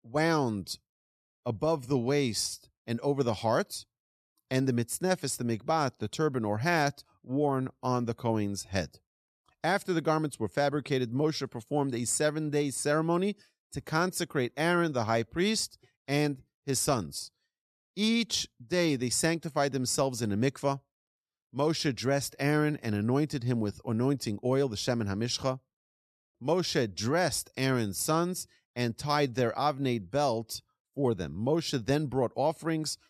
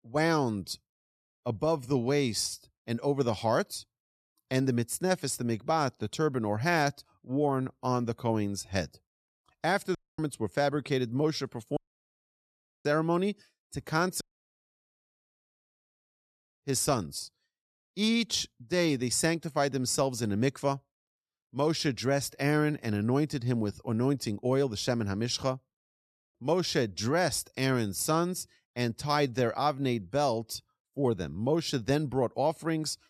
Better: first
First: none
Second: audio cutting out; at 10 s, at 12 s for 1 s and at 14 s for 2.5 s

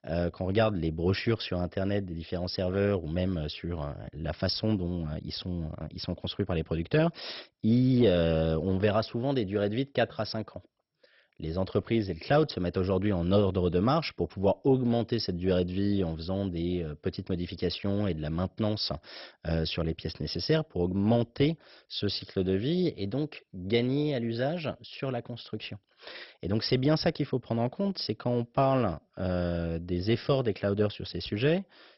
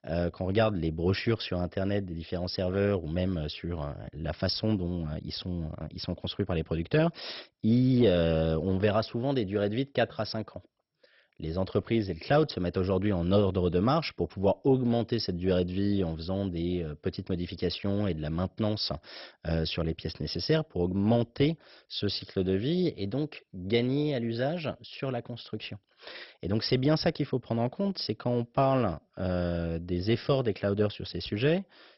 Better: neither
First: garbled, watery; badly; nothing above 5.5 kHz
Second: garbled, watery; badly; nothing above 5.5 kHz

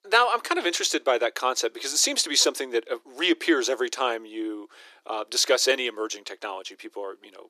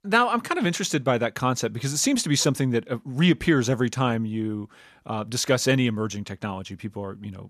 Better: second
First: thin; very; fading below 350 Hz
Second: none

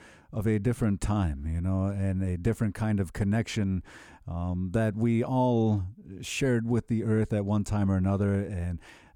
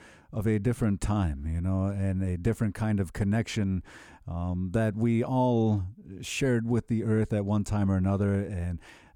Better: neither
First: none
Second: none

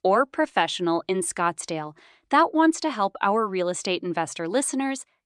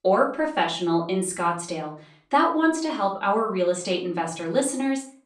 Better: first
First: none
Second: off-mic speech; far // room echo; slight; dies away in 0.4 s

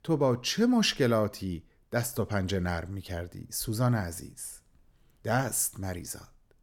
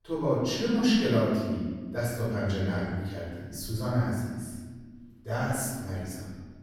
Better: first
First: none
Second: off-mic speech; far // room echo; strong; dies away in 1.5 s

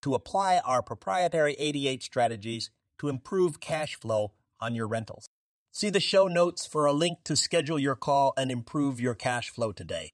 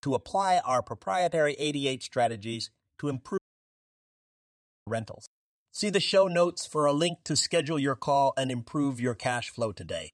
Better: first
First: none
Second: audio cutting out; at 3.5 s for 1.5 s

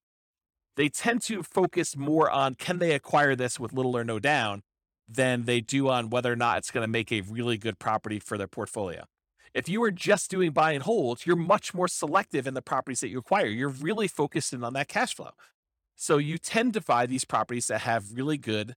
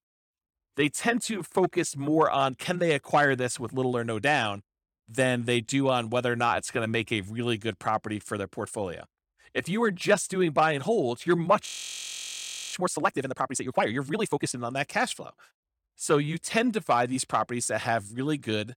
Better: first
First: none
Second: audio freezing; at 12 s for 1 s

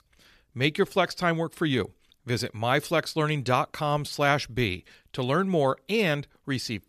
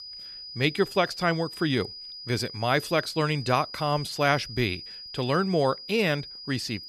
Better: first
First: none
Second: high-pitched whine; noticeable; throughout; 5 kHz, 10 dB below the speech

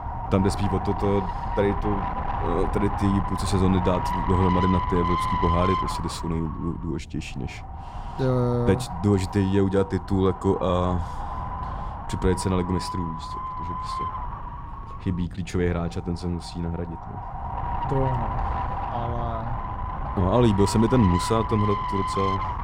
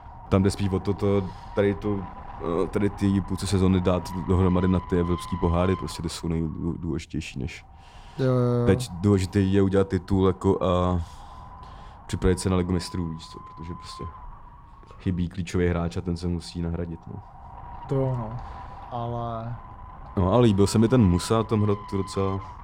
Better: second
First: wind noise on the microphone; heavy; as loud as the speech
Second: wind noise on the microphone; occasional gusts; 10 dB below the speech

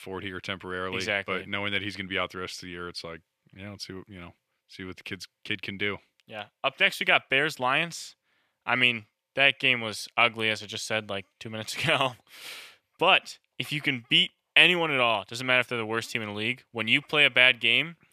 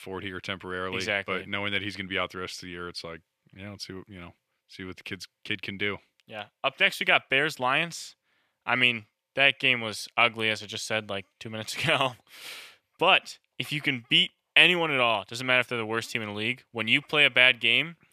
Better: neither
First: thin; somewhat; fading below 1 kHz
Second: thin; somewhat; fading below 1 kHz

